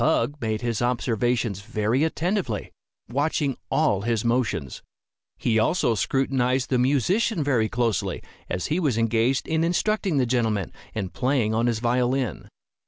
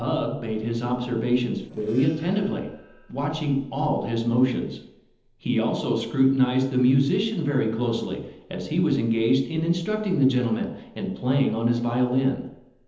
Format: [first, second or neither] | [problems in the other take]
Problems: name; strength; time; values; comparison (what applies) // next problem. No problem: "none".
first | noise reduction (neural separator model SepFormer DNS4)